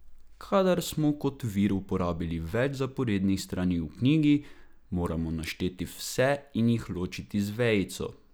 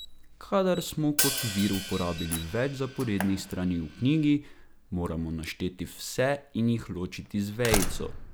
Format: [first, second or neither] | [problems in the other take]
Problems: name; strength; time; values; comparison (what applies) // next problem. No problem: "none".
first | background sound (Slam + Hi-hat); 7 dB below the speech